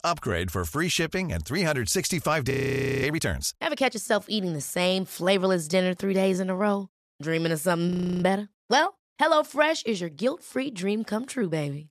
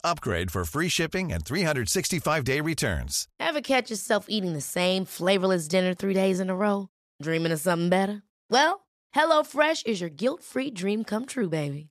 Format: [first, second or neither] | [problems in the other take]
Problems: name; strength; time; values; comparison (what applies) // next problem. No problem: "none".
second | audio freezing; at 2.5 s for 0.5 s and at 8 s